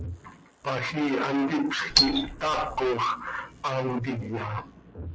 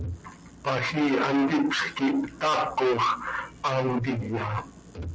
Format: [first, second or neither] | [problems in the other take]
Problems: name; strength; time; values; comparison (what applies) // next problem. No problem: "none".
second | noise reduction (neural mask model Resemble Enhance denoiser)